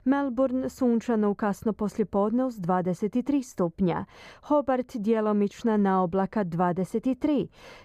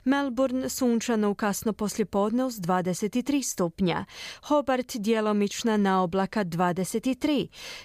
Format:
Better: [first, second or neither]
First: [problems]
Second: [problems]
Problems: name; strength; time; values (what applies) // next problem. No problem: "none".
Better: second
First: muffled; slightly; fading above 2 kHz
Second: none